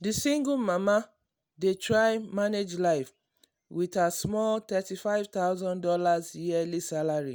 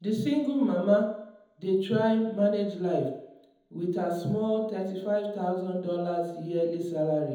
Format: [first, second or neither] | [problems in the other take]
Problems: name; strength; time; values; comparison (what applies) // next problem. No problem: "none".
first | room echo; dies away in 1 s